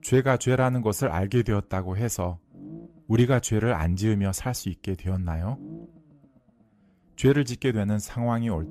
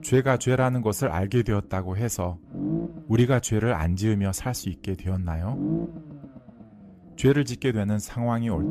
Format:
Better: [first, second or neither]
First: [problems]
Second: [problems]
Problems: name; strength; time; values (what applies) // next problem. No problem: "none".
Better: first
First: low rumble; faint; throughout; 25 dB below the speech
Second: low rumble; loud; throughout; 10 dB below the speech